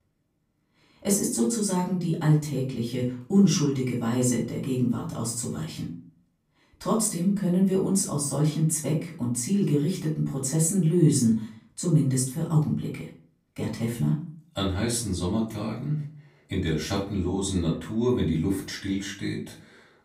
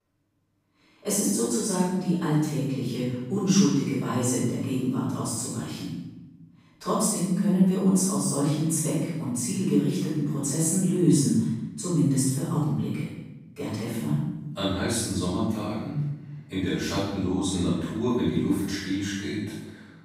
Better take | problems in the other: first | room echo; strong; dies away in 0.9 s; slight in the first // off-mic speech; far; far in the first

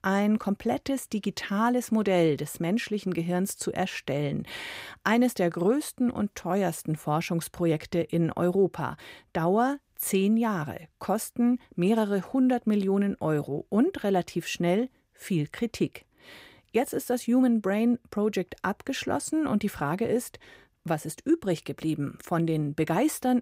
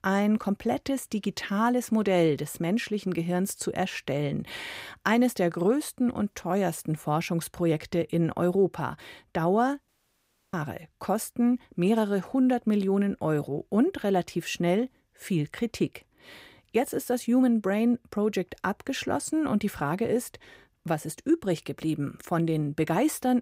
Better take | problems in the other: first | audio cutting out; at 10 s for 0.5 s

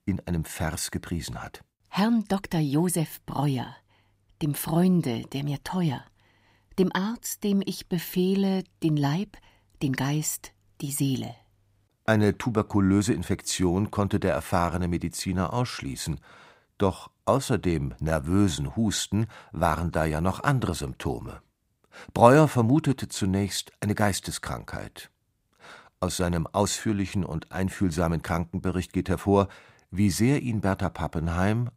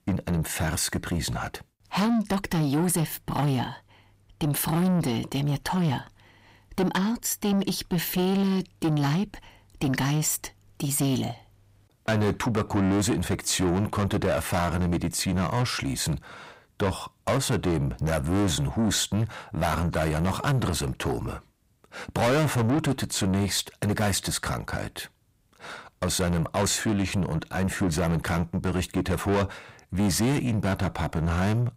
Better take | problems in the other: first | distortion; heavy; 6 dB below the speech

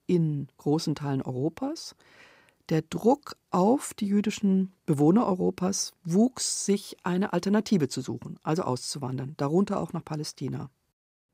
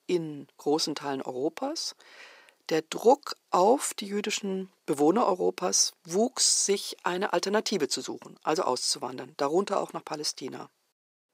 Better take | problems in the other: first | thin; somewhat; fading below 450 Hz

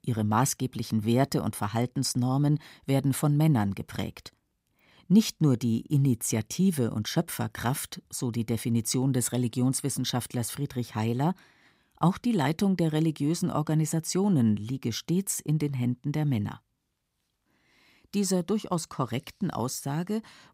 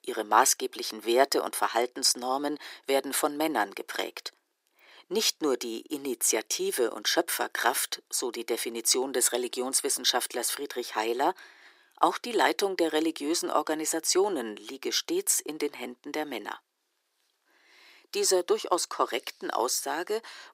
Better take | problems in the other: first | thin; very; fading below 350 Hz

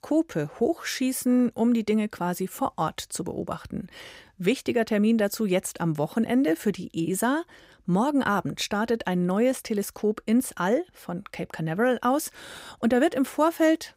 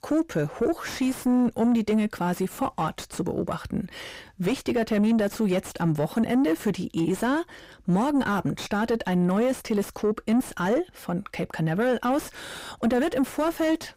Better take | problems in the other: first | distortion; slight; 9 dB below the speech

